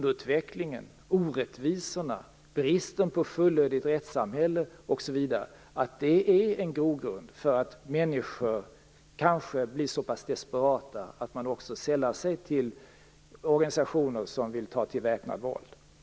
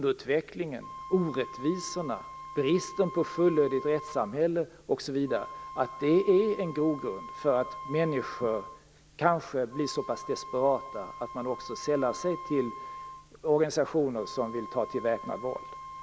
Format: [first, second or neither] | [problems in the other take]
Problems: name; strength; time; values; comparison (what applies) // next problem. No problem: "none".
first | background sound (Wind instrument, woodwind instrument); 13 dB below the speech